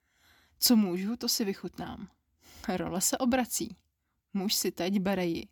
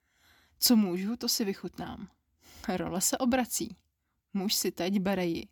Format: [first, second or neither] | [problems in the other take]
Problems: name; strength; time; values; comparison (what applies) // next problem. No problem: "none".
neither | none